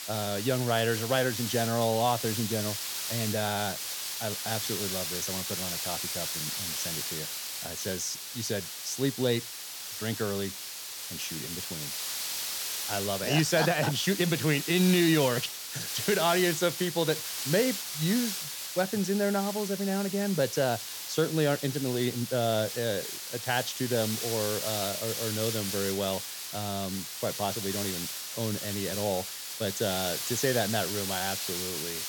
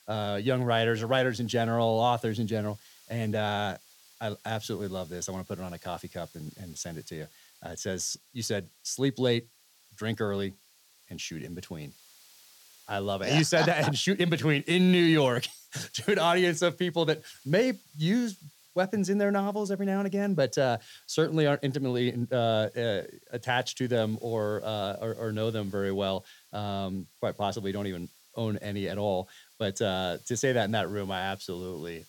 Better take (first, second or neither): second